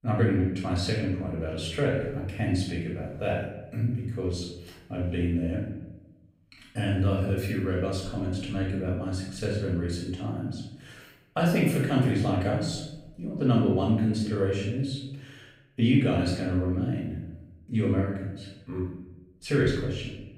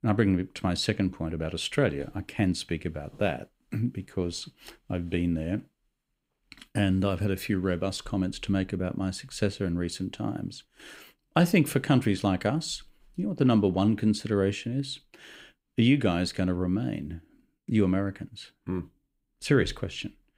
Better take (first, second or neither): second